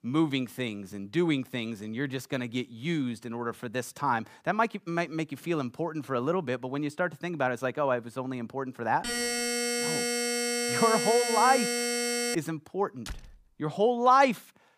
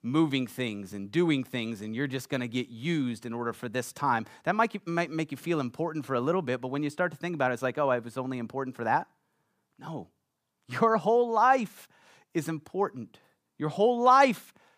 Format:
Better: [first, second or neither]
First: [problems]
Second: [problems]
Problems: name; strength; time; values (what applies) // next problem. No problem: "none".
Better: second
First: alarm; loud; from 9 to 12 s; peak 1 dB above the speech // door banging; faint; at 13 s; peak 15 dB below the speech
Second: none